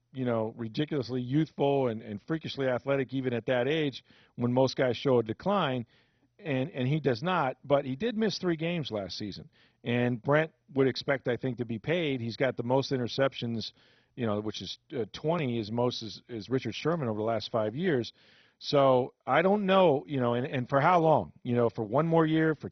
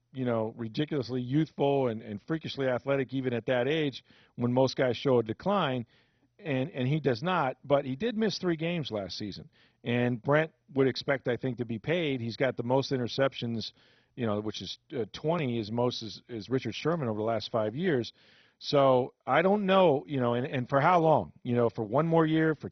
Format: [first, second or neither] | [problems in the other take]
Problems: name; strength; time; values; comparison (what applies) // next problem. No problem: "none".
neither | garbled, watery; badly; nothing above 6 kHz; the same in both